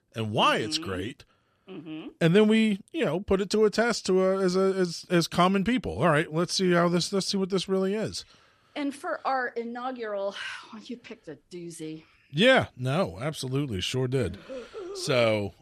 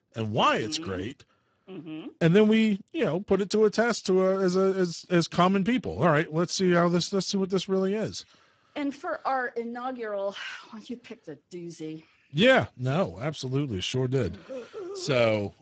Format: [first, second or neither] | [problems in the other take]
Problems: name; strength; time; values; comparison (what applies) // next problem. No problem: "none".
first | garbled, watery; badly; nothing above 7.5 kHz